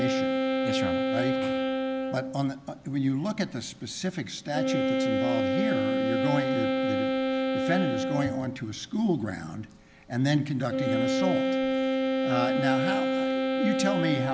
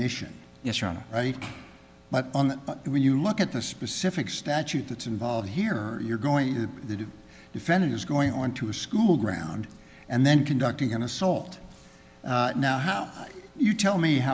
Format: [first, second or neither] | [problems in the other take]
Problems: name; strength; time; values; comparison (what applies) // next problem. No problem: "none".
second | background sound (Wind instrument, woodwind instrument); 3 dB above the speech